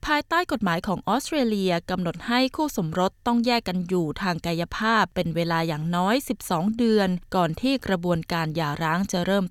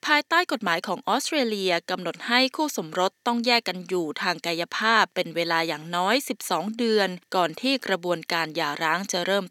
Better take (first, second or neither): first